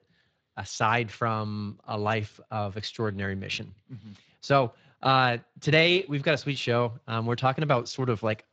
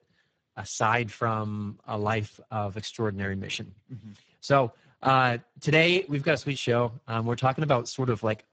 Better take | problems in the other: first | garbled, watery; badly; nothing above 7.5 kHz; slightly in the first

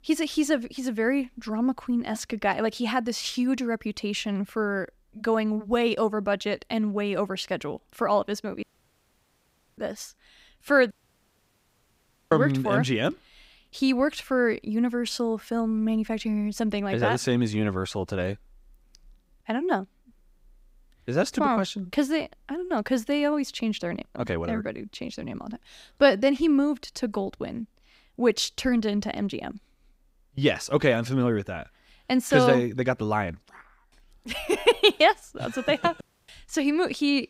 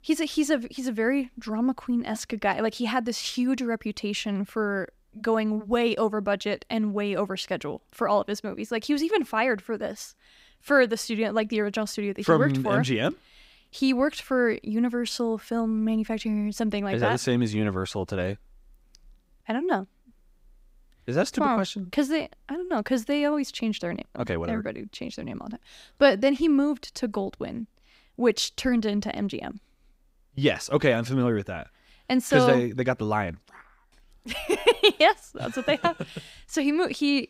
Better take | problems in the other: second | audio cutting out; at 8.5 s for 1 s, at 11 s for 1.5 s and at 36 s

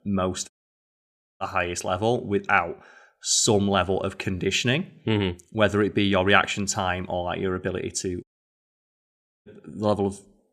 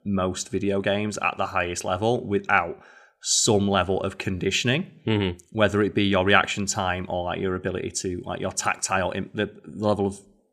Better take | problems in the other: second | audio cutting out; at 0.5 s for 1 s and at 8 s for 1 s

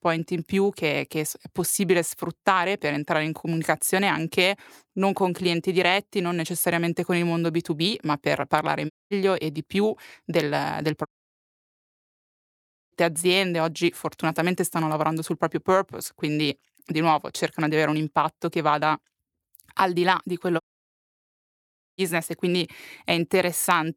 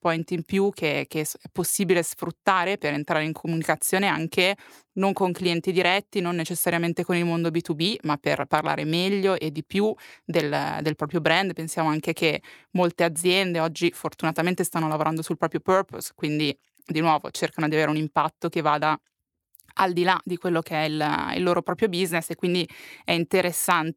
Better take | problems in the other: second | audio cutting out; at 9 s, at 11 s for 2 s and at 21 s for 1.5 s

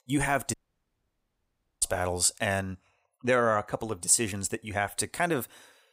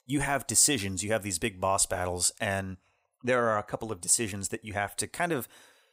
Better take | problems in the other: second | audio cutting out; at 0.5 s for 1.5 s

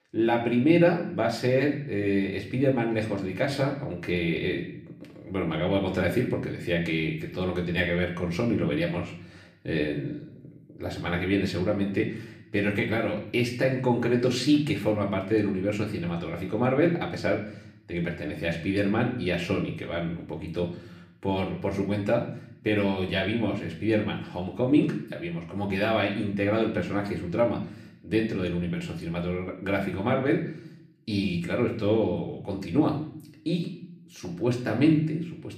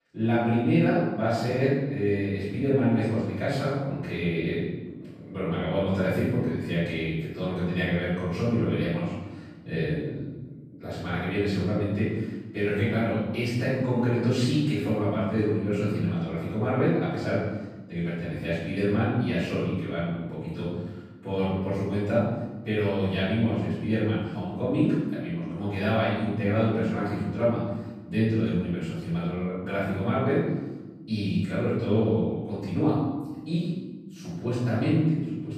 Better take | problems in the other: first | room echo; strong; dies away in 1.1 s; slight in the first // off-mic speech; far; somewhat distant in the first

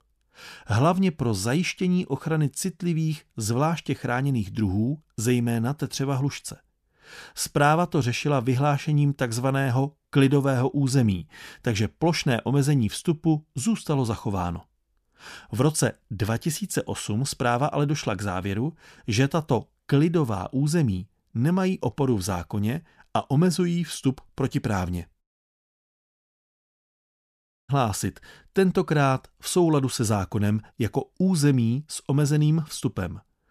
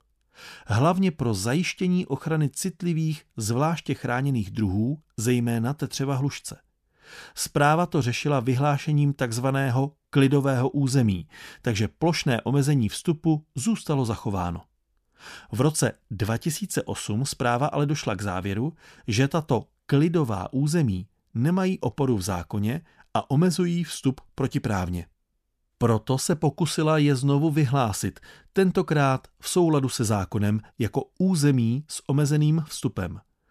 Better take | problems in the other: second | audio cutting out; at 25 s for 2.5 s

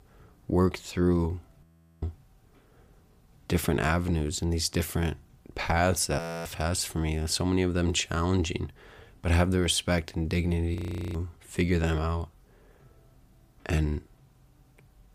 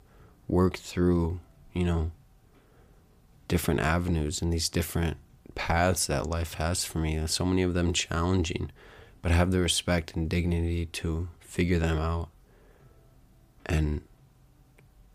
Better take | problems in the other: second | audio freezing; at 1.5 s, at 6 s and at 11 s

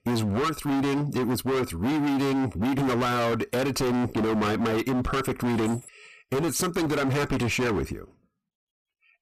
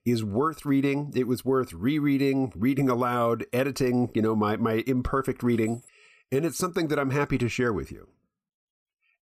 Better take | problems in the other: second | distortion; heavy; 36% of the sound clipped

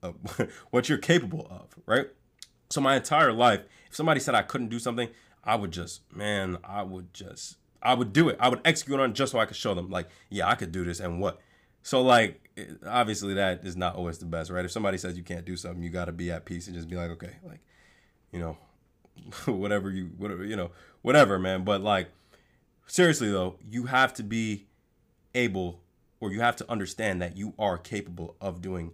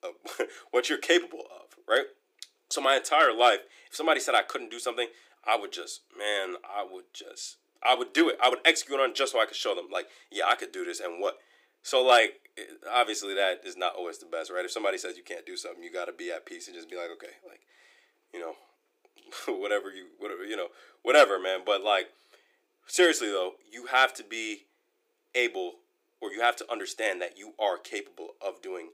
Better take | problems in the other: first | thin; very; fading below 350 Hz

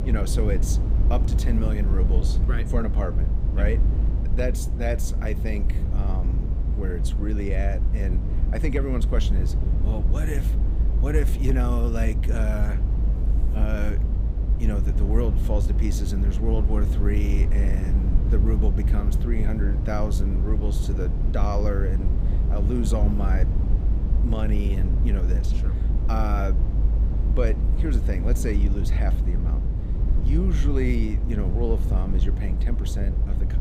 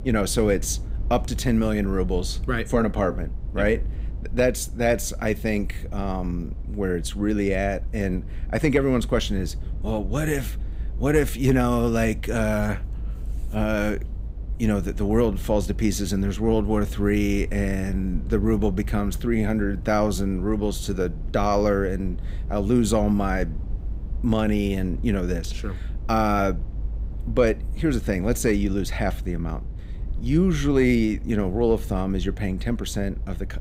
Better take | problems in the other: second | low rumble; loud; throughout; 6 dB below the speech; faint in the second

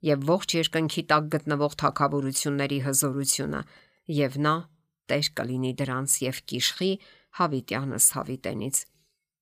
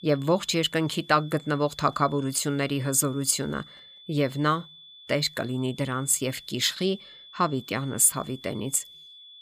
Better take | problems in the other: first | high-pitched whine; faint; throughout; 3.5 kHz, 20 dB below the speech

